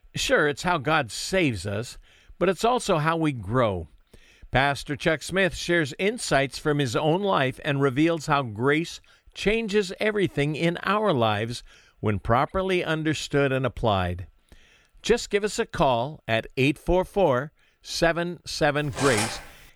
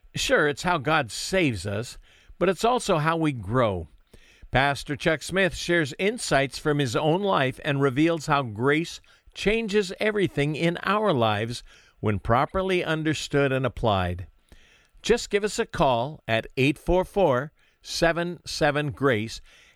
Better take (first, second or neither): second